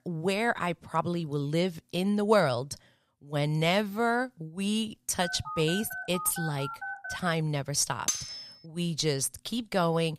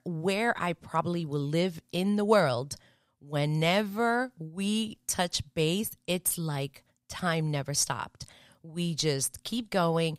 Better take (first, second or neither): second